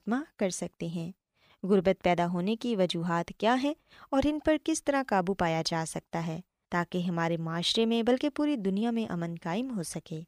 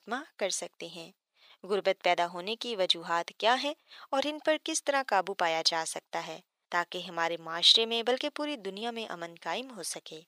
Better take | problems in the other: first | thin; somewhat; fading below 550 Hz

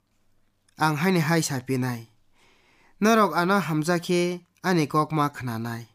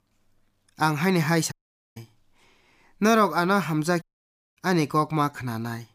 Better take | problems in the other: first | audio cutting out; at 1.5 s and at 4 s for 0.5 s

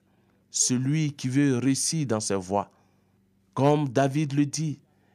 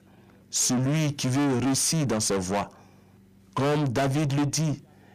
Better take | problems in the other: first | distortion; heavy; 5 dB below the speech

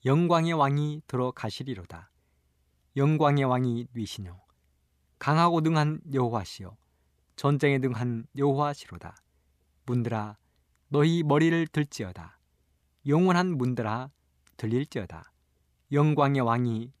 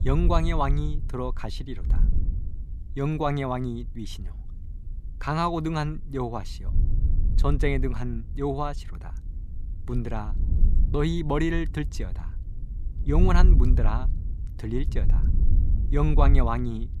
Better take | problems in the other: first | wind noise on the microphone; occasional gusts; 15 dB below the speech

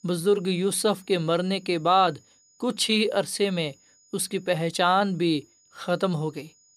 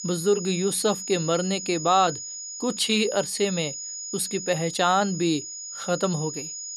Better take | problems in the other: first | high-pitched whine; loud; throughout; 7 kHz, 8 dB below the speech; faint in the first

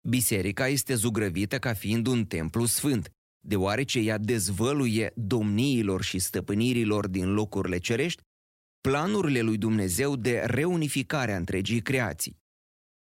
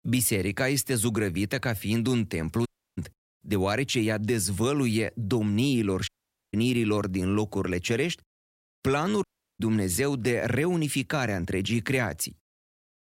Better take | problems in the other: first | audio cutting out; at 2.5 s, at 6 s and at 9 s

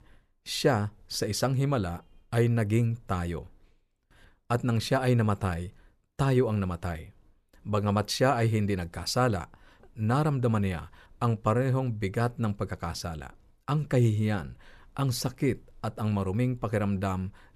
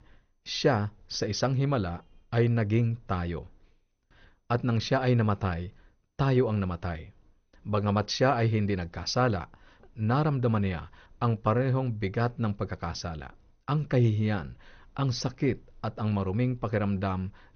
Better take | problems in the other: first | garbled, watery; slightly; nothing above 6.5 kHz

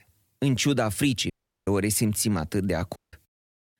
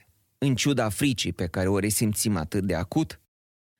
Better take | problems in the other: second | audio cutting out; at 1.5 s and at 3 s

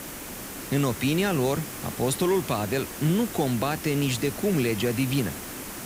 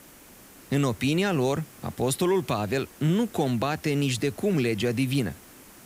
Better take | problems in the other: second | hiss; loud; throughout; 9 dB below the speech; faint in the second

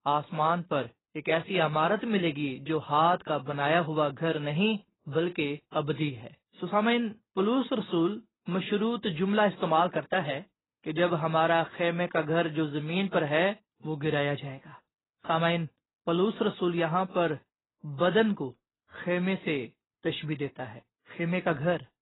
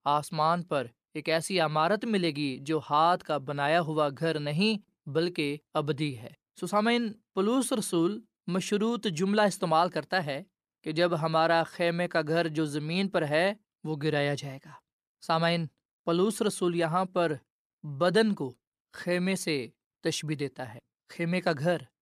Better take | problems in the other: second | garbled, watery; badly; nothing above 4 kHz

